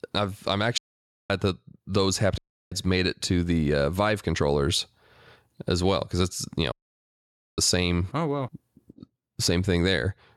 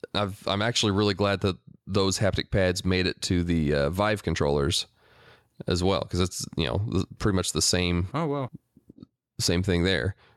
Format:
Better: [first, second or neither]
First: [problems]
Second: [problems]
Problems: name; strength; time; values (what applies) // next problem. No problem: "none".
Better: second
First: audio cutting out; at 1 s for 0.5 s, at 2.5 s and at 6.5 s for 1 s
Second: none